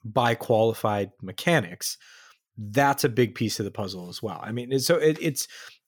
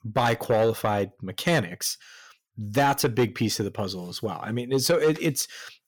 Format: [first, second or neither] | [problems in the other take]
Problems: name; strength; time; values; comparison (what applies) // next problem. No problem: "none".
first | distortion; slight; 10 dB below the speech